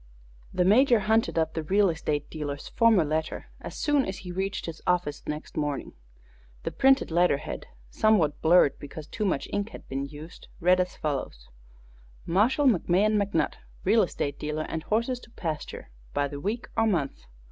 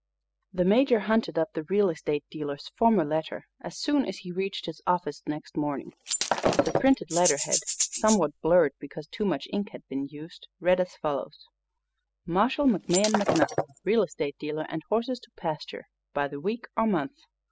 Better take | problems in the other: first | noise reduction (classical method spectral subtraction)

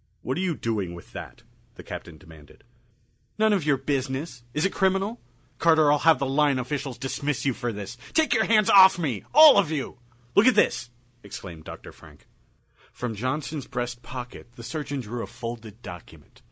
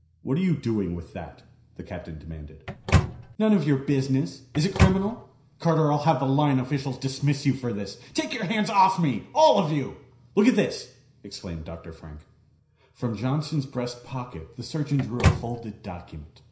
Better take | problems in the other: first | background sound (Microwave oven); 1 dB above the speech // room echo; dies away in 0.5 s

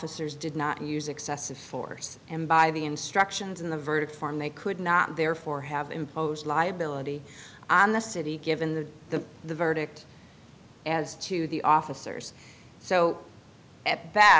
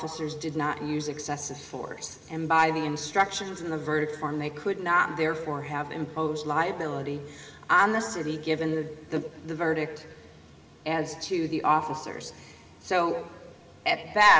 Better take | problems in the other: first | room echo; dies away in 1.9 s

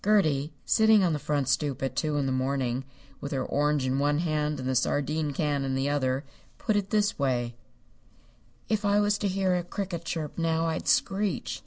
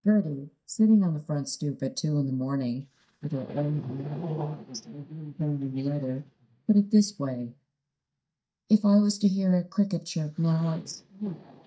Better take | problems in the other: first | noise reduction (neural mask model DeepFilterNet 3)

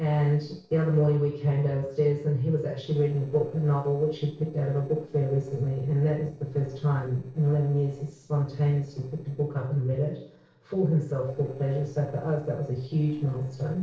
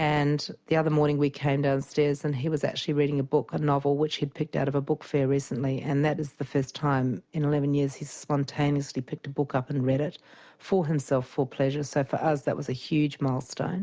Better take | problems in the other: second | noise reduction (neural separator model SepFormer DNS4)

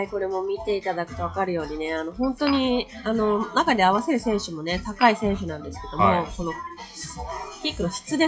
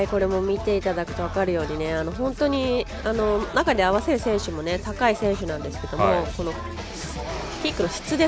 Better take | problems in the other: second | noise reduction (classical method WPE with log-MMSE)

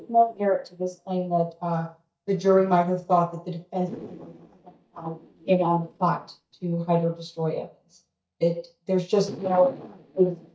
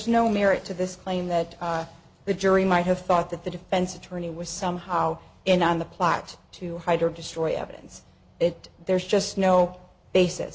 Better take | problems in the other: second | noise reduction (neural mask model DeepFilterNet 3)

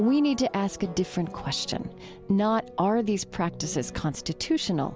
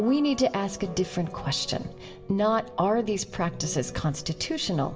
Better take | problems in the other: first | room echo; dies away in 0.6 s

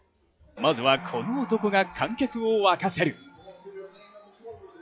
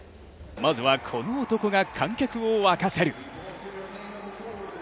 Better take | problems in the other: second | noise reduction (classical method log-MMSE)

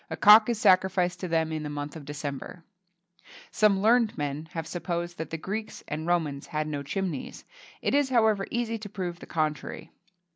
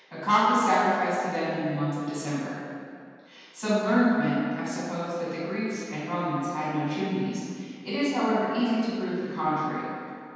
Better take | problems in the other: first | room echo; dies away in 2.1 s

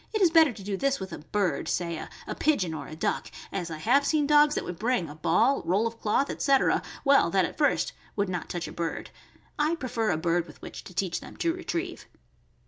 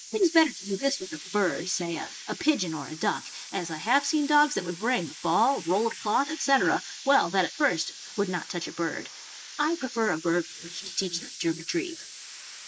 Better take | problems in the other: first | noise reduction (neural mask model Resemble Enhance denoiser)

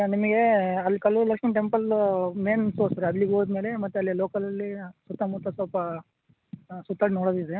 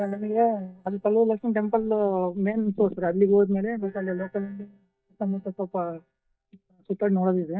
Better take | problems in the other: first | noise reduction (neural mask model DeepFilterNet 3)

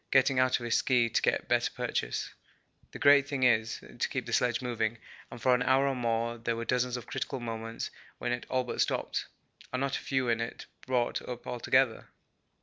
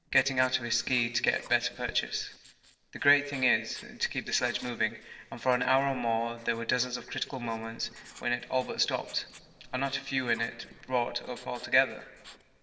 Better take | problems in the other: first | noise reduction (neural separator model SepFormer DNS4)

